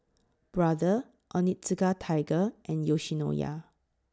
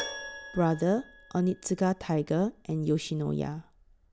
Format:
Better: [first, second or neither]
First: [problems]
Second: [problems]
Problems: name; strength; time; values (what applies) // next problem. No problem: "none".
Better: first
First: none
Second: background sound (Keyboard (musical)); 16 dB below the speech